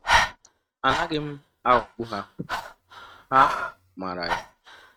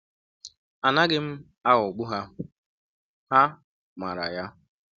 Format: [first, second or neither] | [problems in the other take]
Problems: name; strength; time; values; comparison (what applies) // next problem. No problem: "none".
second | noise reduction (neural mask model RNNoise)